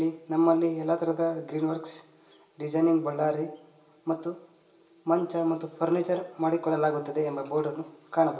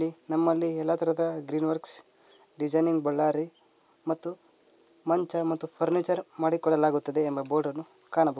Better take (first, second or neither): second